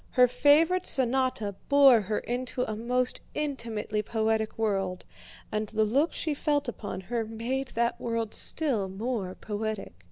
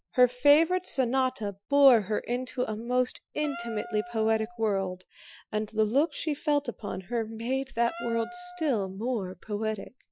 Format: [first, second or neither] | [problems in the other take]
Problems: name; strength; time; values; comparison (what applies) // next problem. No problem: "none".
first | noise reduction (classical method Wiener filter)